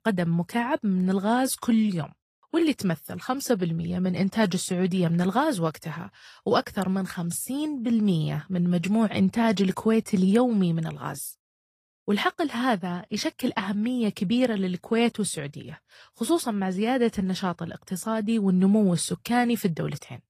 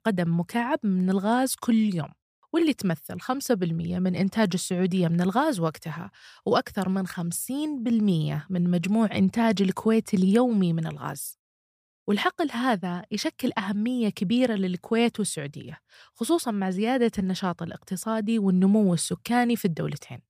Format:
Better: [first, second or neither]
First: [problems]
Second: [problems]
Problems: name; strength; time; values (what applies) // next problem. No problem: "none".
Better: second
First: garbled, watery; slightly; nothing above 14.5 kHz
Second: none